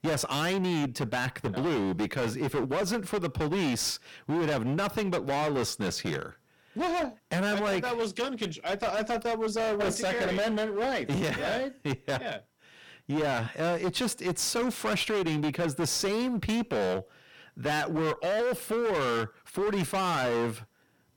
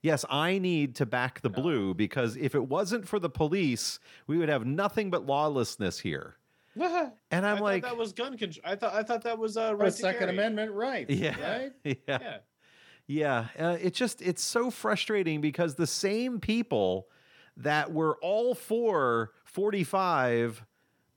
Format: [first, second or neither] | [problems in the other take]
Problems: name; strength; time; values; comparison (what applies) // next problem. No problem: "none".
second | distortion; heavy; 27% of the sound clipped